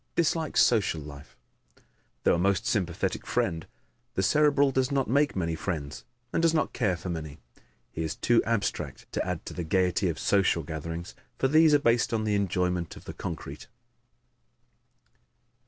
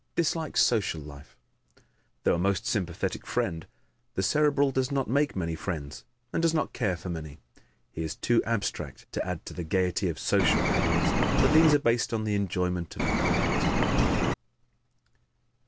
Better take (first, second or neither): first